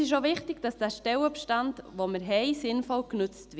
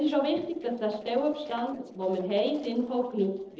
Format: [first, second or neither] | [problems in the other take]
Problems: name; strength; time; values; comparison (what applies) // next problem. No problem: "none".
first | noise reduction (neural separator model SepFormer DNS4)